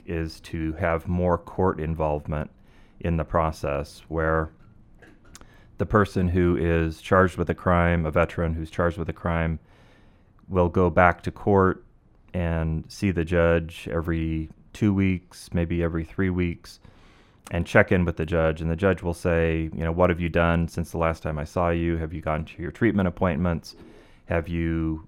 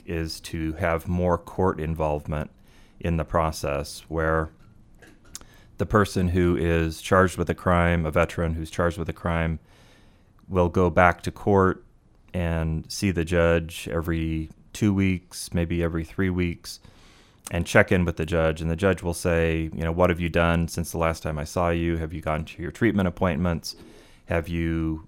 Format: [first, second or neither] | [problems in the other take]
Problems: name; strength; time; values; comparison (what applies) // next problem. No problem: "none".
second | muffled; slightly; fading above 3.5 kHz